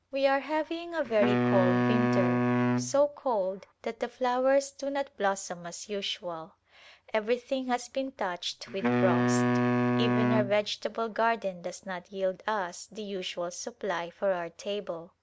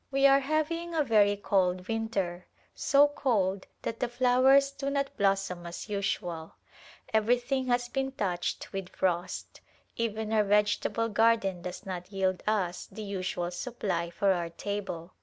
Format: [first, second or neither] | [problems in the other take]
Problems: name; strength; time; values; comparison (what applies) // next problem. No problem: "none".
second | background sound (Wind instrument, woodwind instrument); 3 dB above the speech